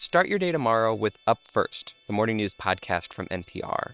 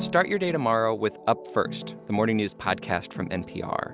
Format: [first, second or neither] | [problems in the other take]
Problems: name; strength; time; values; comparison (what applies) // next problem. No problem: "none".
second | noise reduction (neural separator model SepFormer WHAM!)